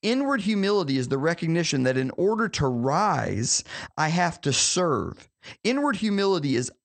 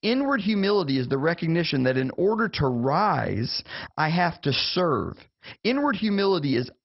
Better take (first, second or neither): first